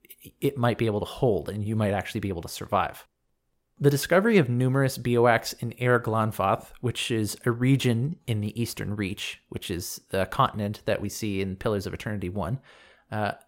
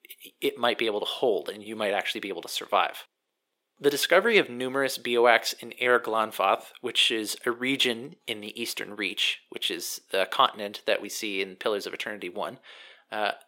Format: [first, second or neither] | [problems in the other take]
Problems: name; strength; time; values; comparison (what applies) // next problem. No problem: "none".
first | thin; somewhat; fading below 350 Hz